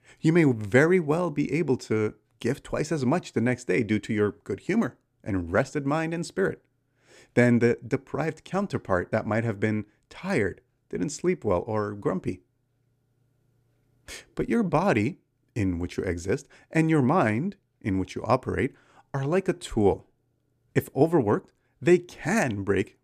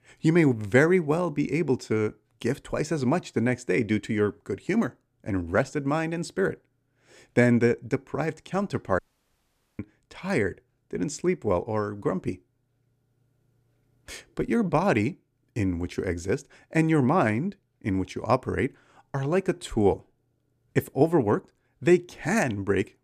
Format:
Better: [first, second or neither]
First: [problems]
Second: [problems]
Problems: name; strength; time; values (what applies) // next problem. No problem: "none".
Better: first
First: none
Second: audio cutting out; at 9 s for 1 s